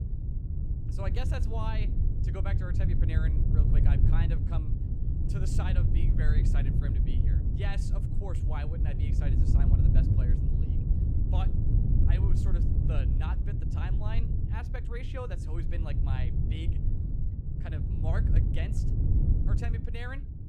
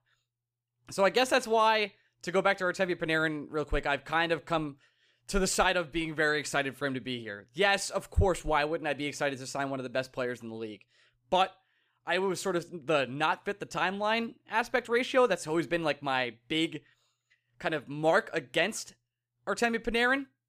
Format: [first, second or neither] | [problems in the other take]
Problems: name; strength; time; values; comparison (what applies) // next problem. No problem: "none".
second | wind noise on the microphone; heavy; as loud as the speech